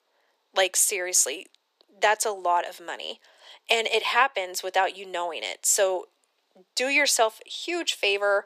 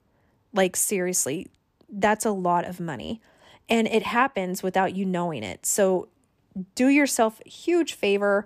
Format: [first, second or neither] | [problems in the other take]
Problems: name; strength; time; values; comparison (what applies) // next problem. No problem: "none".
second | thin; very; fading below 450 Hz